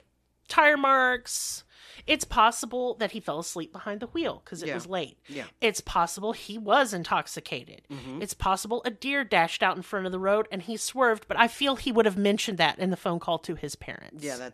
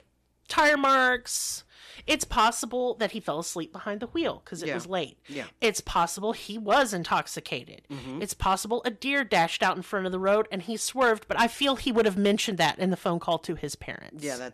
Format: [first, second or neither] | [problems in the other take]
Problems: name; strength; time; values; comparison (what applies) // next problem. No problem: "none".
first | distortion; slight; 2% of the sound clipped